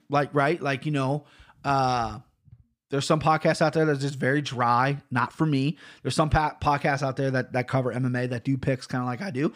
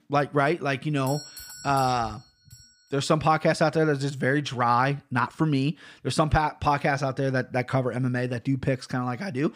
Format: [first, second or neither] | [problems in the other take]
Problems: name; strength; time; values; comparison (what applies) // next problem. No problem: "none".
first | doorbell; faint; from 1 to 2.5 s; peak 15 dB below the speech